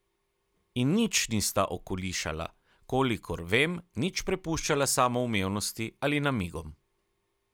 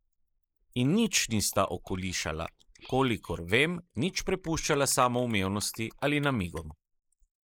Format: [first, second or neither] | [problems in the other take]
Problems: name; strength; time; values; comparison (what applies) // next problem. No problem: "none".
first | noise reduction (neural mask model Resemble Enhance denoiser)